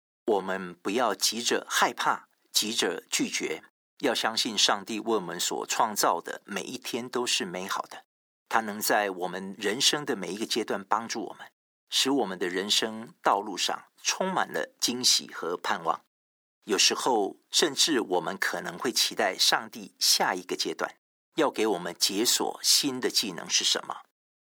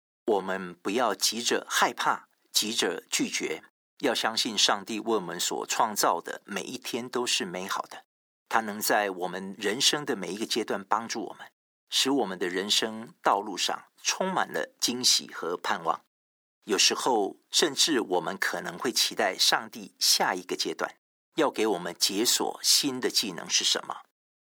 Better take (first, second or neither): neither